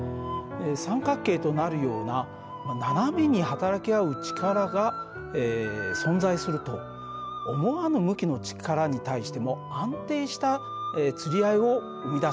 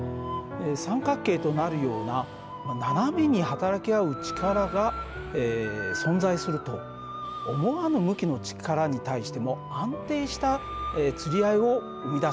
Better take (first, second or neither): first